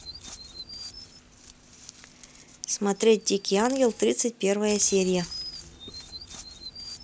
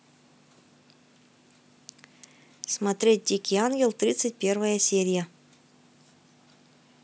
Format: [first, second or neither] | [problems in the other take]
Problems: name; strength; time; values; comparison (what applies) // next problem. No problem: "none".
second | background sound (Chirp, tweet); 15 dB below the speech